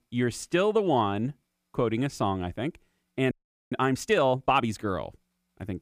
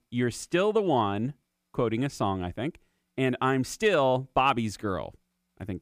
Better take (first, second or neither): second